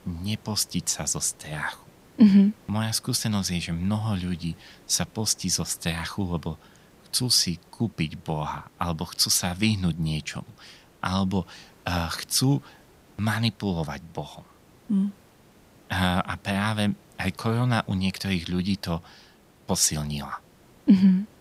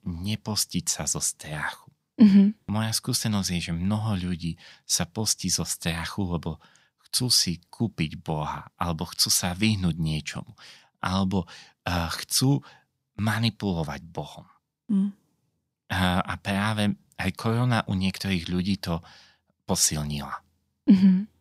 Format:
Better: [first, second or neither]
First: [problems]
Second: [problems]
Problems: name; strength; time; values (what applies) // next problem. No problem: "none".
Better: second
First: hiss; faint; throughout; 30 dB below the speech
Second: none